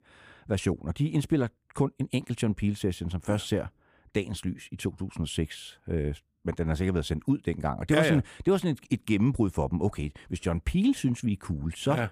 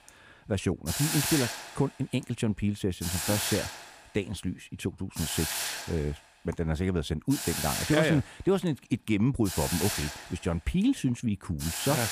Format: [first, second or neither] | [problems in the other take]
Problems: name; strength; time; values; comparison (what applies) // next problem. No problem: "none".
first | hiss; loud; throughout; 2 dB below the speech